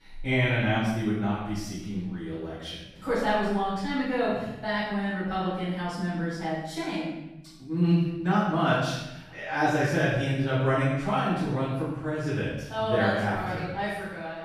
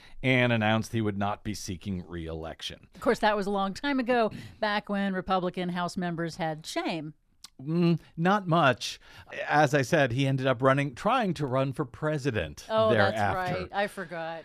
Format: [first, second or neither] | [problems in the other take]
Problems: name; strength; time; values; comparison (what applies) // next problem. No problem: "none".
second | off-mic speech; far // room echo; strong; dies away in 0.9 s